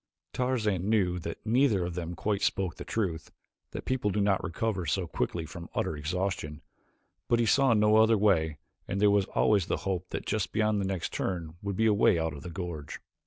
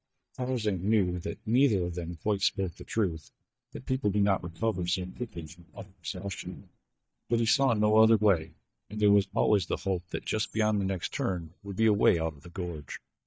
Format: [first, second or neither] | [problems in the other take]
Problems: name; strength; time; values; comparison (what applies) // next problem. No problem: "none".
first | noise reduction (neural mask model DeepFilterNet 3)